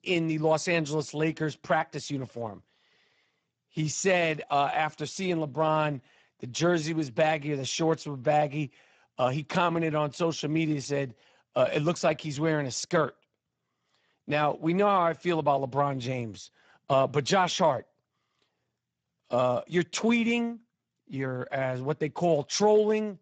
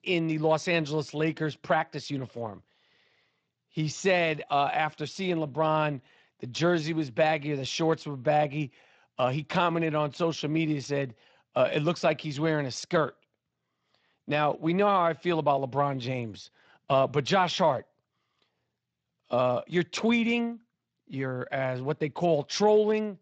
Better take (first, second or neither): second